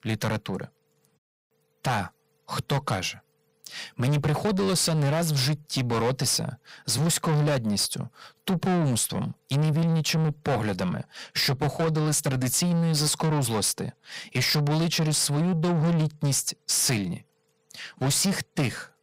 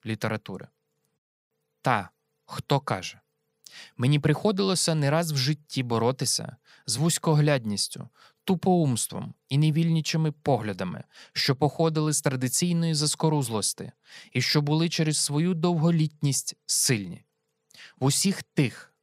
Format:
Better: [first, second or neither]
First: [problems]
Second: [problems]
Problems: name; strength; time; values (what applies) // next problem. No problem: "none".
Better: second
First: distortion; heavy; 7 dB below the speech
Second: none